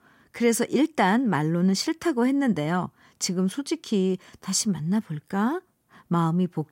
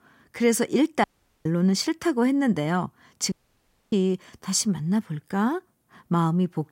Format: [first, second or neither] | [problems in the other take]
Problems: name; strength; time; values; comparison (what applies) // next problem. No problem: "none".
first | audio cutting out; at 1 s and at 3.5 s for 0.5 s